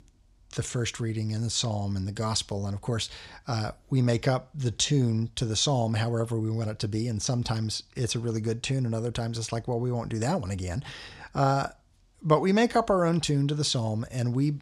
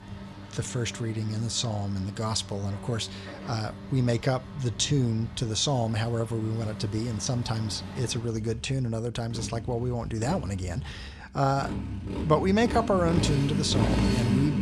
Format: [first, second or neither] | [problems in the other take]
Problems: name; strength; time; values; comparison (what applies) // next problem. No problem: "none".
first | traffic noise; loud; throughout; 6 dB below the speech